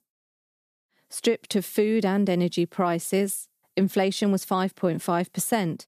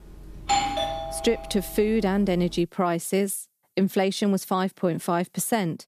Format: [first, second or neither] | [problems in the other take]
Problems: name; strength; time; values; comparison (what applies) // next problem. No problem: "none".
first | doorbell; loud; until 2.5 s; peak 2 dB above the speech